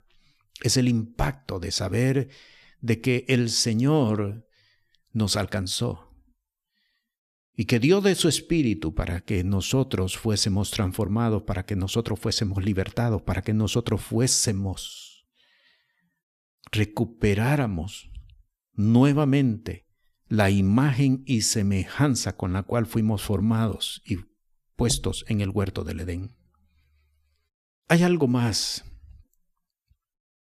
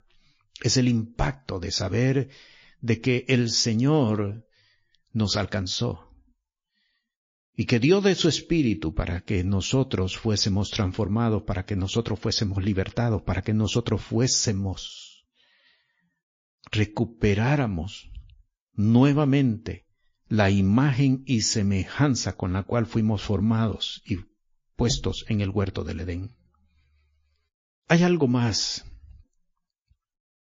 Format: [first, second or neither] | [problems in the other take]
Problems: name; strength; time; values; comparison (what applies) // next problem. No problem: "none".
first | garbled, watery; slightly